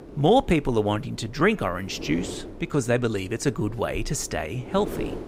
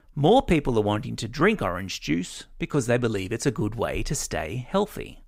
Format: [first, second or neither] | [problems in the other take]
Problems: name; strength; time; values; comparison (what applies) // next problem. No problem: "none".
second | wind noise on the microphone; occasional gusts; 15 dB below the speech